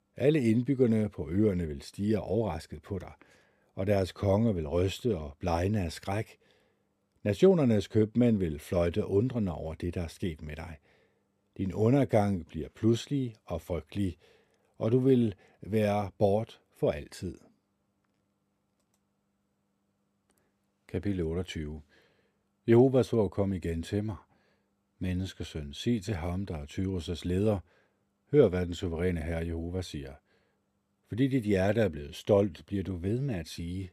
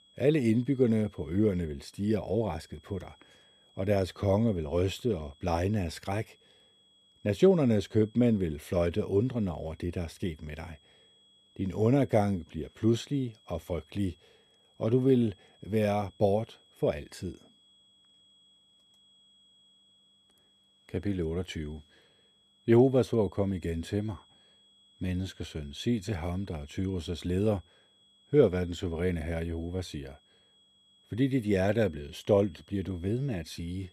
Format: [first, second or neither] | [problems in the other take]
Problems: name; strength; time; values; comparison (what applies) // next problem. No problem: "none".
first | high-pitched whine; faint; throughout; 3.5 kHz, 30 dB below the speech